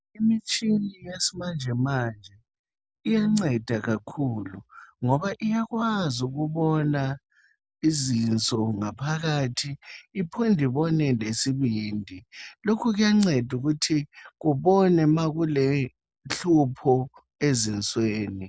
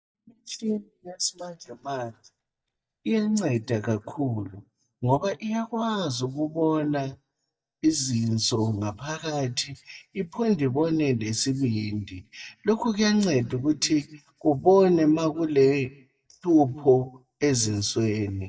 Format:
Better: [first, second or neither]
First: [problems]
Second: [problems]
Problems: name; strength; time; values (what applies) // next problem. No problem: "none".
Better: first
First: none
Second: noise reduction (neural mask model DeepFilterNet 3)